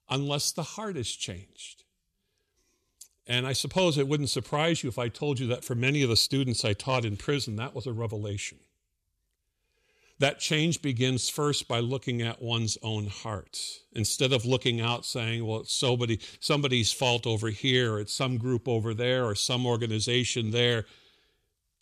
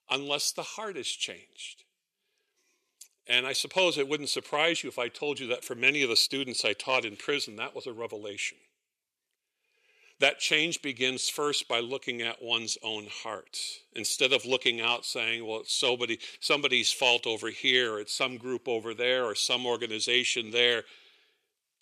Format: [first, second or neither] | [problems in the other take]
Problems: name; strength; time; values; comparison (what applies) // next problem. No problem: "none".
first | thin; somewhat; fading below 400 Hz